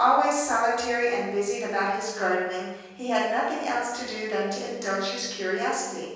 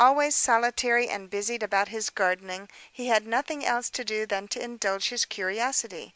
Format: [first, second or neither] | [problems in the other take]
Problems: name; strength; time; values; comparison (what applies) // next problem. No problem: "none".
second | room echo; dies away in 1.3 s